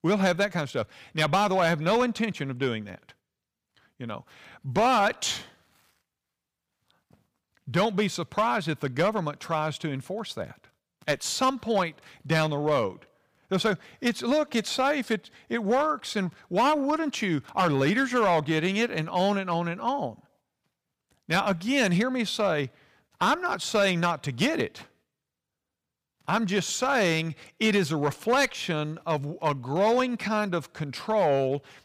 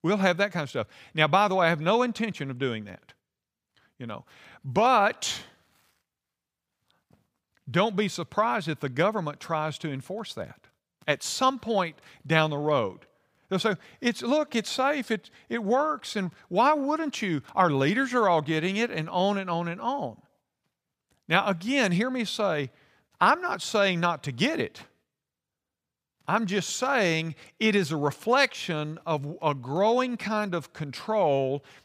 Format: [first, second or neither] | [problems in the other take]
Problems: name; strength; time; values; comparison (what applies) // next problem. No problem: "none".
second | distortion; slight; 3% of the sound clipped